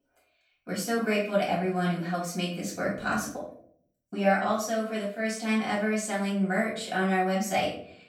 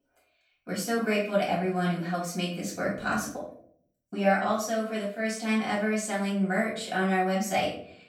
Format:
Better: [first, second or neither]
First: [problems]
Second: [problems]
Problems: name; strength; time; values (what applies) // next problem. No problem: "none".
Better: neither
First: room echo; noticeable; dies away in 0.5 s // off-mic speech; far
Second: room echo; noticeable; dies away in 0.5 s // off-mic speech; far